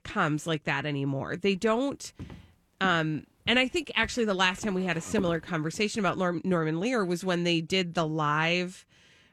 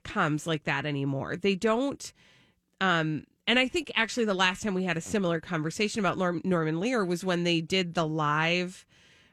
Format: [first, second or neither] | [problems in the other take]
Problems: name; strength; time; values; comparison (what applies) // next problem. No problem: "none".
second | footsteps; noticeable; from 2 to 5.5 s; peak 9 dB below the speech